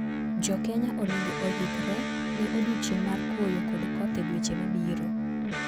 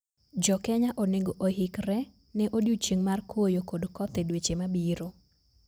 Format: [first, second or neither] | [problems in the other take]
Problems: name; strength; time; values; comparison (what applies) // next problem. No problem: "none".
second | background sound (Electric guitar); 2 dB above the speech